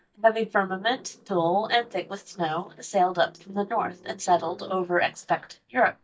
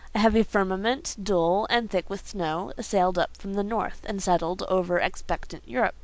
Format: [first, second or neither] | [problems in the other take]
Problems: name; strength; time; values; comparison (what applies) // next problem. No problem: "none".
second | noise reduction (neural mask model DeepFilterNet 3)